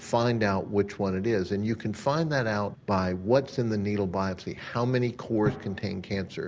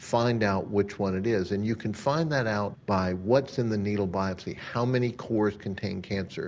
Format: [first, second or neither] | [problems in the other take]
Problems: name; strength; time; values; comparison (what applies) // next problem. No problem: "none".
second | background sound (Drum); 18 dB below the speech